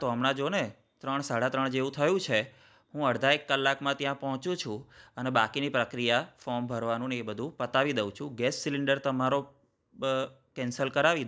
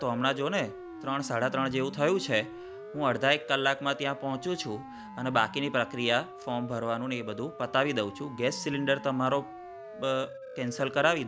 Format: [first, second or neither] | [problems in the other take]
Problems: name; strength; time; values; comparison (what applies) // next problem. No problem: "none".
first | background sound (Siren); 14 dB below the speech